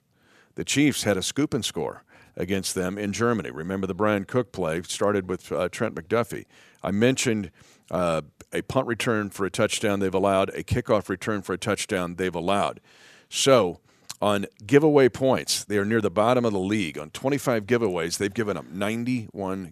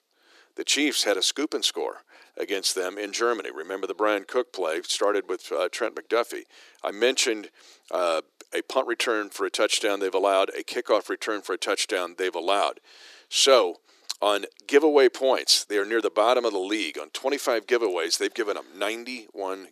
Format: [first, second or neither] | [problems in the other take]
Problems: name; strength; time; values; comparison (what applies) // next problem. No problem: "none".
first | thin; somewhat; fading below 350 Hz